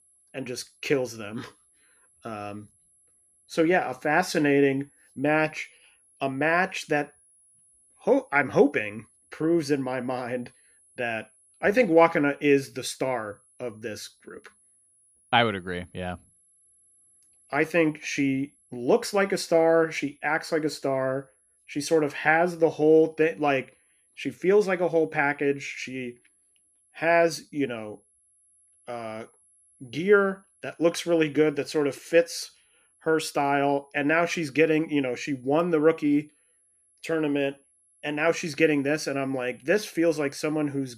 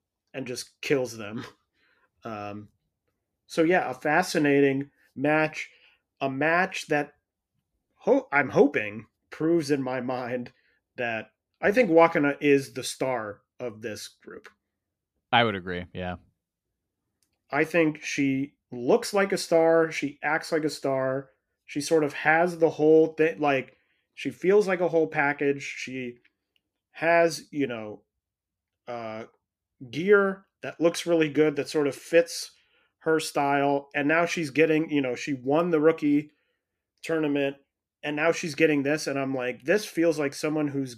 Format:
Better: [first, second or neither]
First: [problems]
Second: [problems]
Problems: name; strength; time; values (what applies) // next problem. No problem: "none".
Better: second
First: high-pitched whine; faint; throughout; 11 kHz, 35 dB below the speech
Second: none